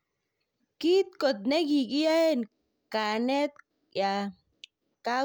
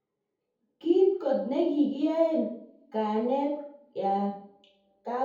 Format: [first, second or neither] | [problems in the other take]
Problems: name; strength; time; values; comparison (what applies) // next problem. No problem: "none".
first | room echo; dies away in 0.7 s